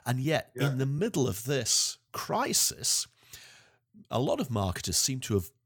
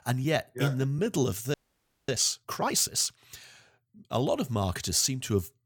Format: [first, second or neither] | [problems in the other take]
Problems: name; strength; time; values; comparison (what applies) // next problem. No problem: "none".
first | audio freezing; at 1.5 s for 0.5 s